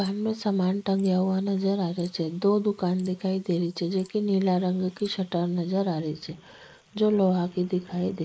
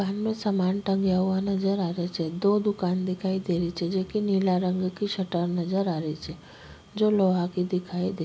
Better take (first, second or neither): second